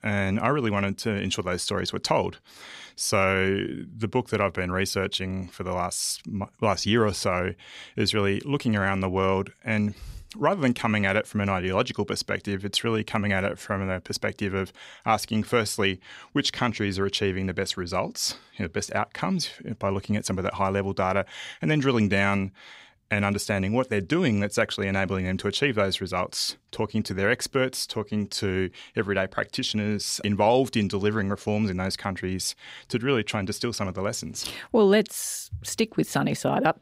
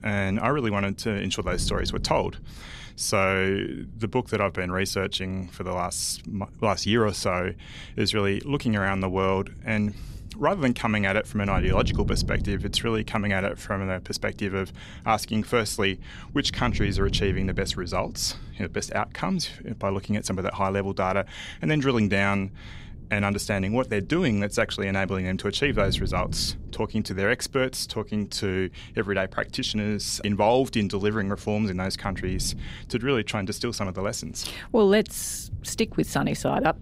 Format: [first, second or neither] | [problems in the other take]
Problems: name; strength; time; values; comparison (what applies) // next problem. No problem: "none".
first | wind noise on the microphone; occasional gusts; 25 dB below the speech